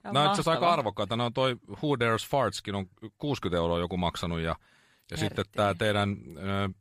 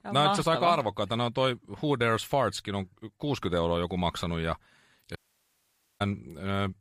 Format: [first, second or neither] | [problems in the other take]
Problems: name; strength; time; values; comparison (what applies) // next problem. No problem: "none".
first | audio cutting out; at 5 s for 1 s